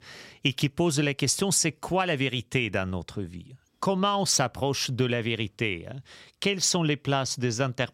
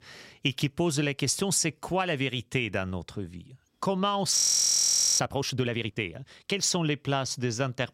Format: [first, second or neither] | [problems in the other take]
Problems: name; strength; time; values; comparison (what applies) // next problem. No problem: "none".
first | audio freezing; at 4.5 s for 1 s